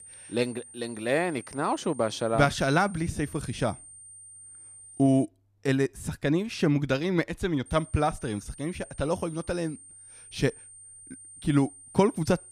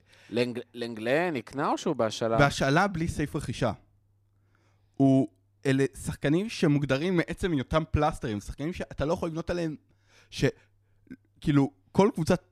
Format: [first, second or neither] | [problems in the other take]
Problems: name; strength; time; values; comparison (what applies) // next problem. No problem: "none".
second | high-pitched whine; noticeable; until 5.5 s and from 7.5 s on; 9 kHz, 20 dB below the speech